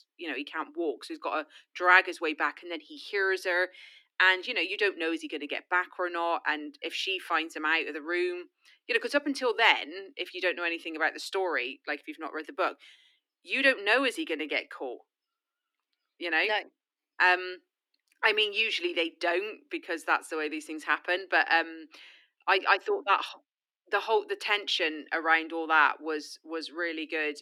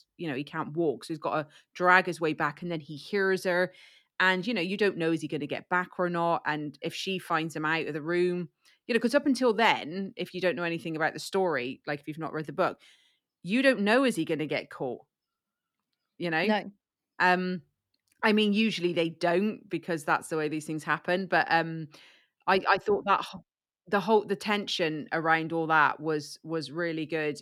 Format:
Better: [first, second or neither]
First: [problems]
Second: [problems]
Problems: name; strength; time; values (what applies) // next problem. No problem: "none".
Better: second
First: thin; somewhat; fading below 300 Hz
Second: none